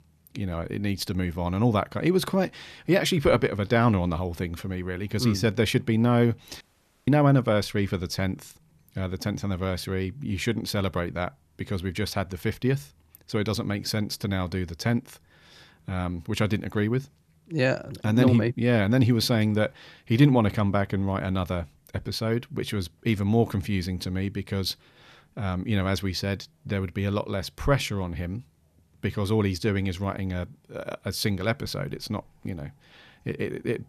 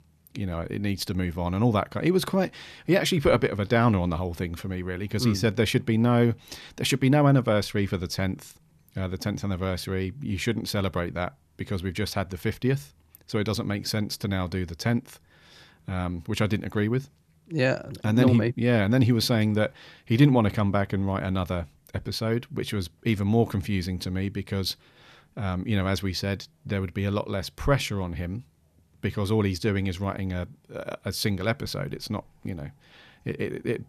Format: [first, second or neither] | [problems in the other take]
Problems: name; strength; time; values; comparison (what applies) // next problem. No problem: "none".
second | audio cutting out; at 6.5 s